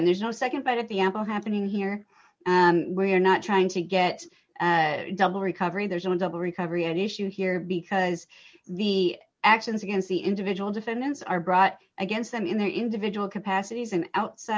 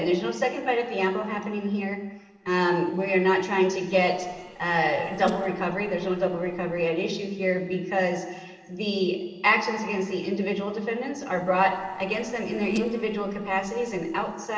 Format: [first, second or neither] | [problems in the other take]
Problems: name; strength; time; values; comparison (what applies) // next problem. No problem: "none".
first | noise reduction (neural separator model SepFormer DNS4)